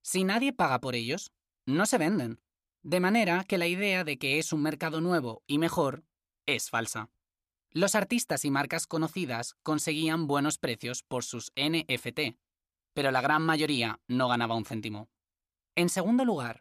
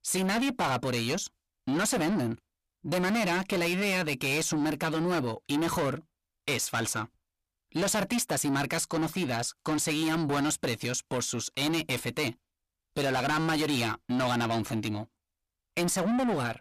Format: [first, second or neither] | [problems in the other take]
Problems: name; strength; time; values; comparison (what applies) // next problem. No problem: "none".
first | distortion; heavy; 7 dB below the speech